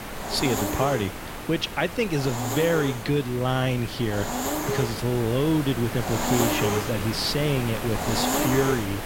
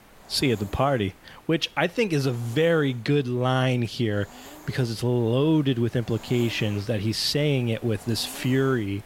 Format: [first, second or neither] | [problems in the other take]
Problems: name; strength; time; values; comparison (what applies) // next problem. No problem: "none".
second | hiss; loud; throughout; 3 dB below the speech; faint in the second